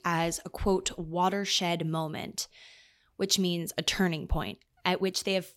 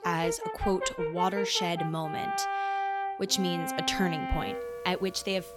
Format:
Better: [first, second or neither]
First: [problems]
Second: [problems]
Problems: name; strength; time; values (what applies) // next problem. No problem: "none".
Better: first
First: none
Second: background music; loud; throughout; 3 dB below the speech